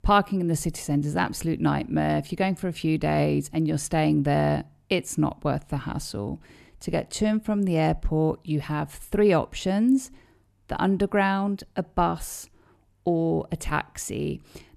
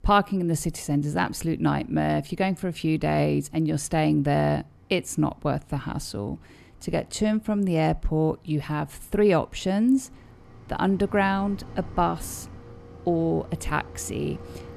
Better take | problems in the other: first | machinery noise; faint; throughout; 20 dB below the speech

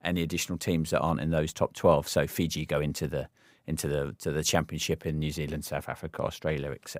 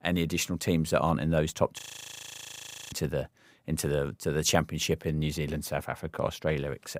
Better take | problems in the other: first | audio freezing; at 2 s for 1 s

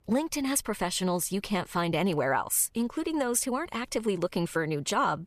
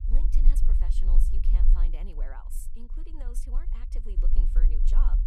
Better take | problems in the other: first | low rumble; loud; throughout; 2 dB below the speech

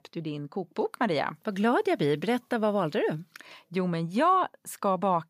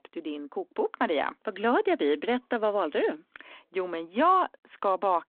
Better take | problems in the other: first | phone-call audio

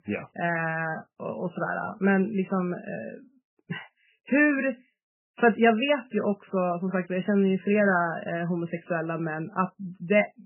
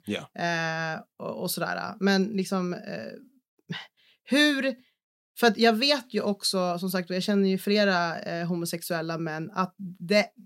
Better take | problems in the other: second | garbled, watery; badly; nothing above 3 kHz

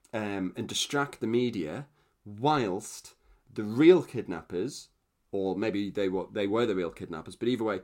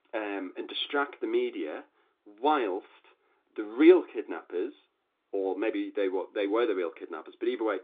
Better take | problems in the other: first | phone-call audio

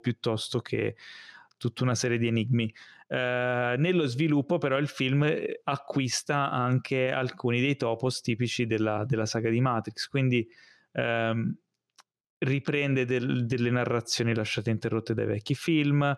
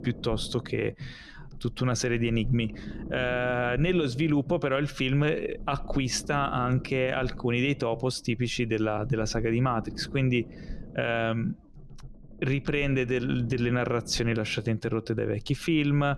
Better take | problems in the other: first | low rumble; faint; throughout; 20 dB below the speech

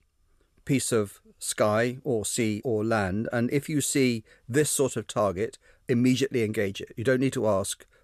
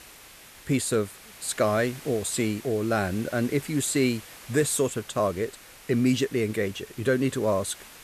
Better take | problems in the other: first | hiss; noticeable; throughout; 20 dB below the speech

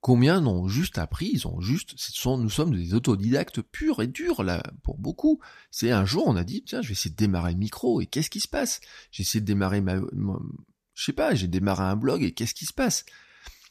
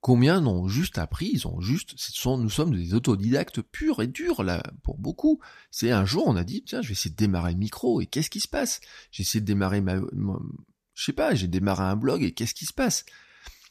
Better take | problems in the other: neither | none

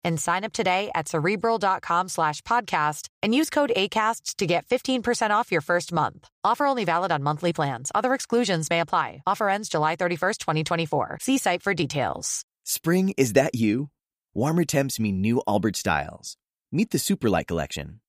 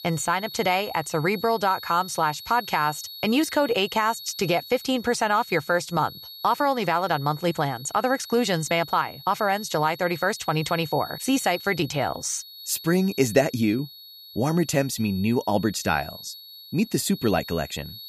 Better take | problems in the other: first | high-pitched whine; noticeable; throughout; 4.5 kHz, 15 dB below the speech

